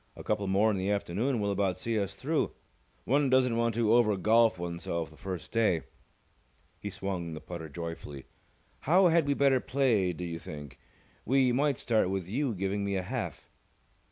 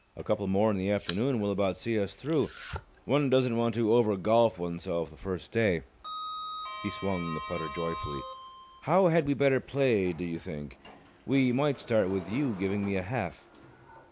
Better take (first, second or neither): first